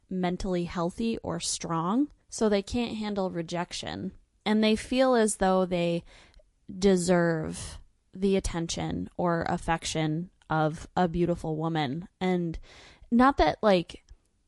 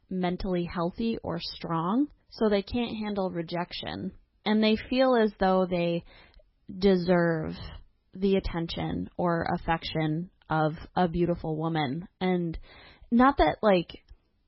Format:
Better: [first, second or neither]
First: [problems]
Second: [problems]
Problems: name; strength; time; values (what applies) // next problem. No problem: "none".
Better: first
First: garbled, watery; slightly; nothing above 11 kHz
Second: garbled, watery; badly; nothing above 5.5 kHz